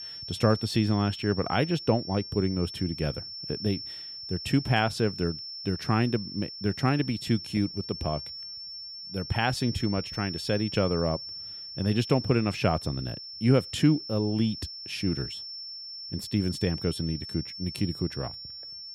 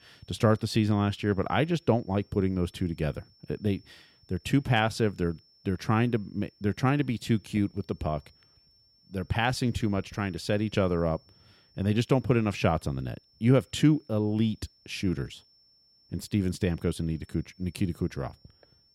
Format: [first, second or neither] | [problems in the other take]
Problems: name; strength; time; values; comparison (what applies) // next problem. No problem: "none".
second | high-pitched whine; loud; throughout; 5.5 kHz, 9 dB below the speech; faint in the second